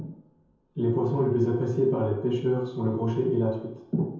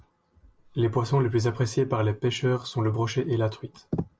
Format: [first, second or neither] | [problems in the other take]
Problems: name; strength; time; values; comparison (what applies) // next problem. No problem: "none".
second | room echo; dies away in 0.9 s